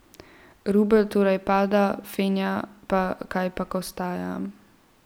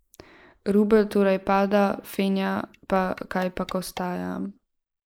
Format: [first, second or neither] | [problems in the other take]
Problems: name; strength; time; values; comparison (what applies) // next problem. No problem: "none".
first | noise reduction (neural mask model Resemble Enhance denoiser)